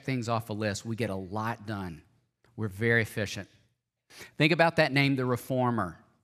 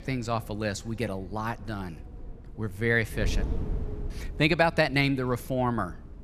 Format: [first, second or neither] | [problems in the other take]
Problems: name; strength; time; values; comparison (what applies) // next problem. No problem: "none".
first | wind noise on the microphone; occasional gusts; 20 dB below the speech